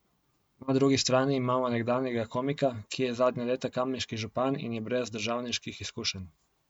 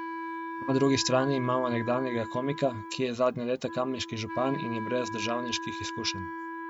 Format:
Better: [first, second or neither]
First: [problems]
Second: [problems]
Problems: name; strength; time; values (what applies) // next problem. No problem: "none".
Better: first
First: none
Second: background sound (Wind instrument, woodwind instrument); 8 dB below the speech